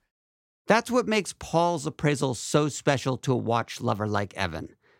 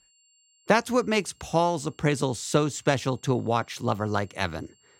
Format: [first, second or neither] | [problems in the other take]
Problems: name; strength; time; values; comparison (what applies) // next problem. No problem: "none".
first | high-pitched whine; faint; throughout; 7.5 kHz, 35 dB below the speech